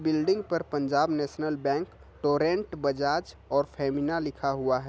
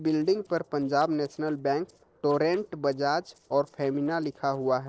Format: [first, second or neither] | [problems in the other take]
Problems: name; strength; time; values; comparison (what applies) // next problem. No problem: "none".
first | noise reduction (neural separator model SepFormer DNS4)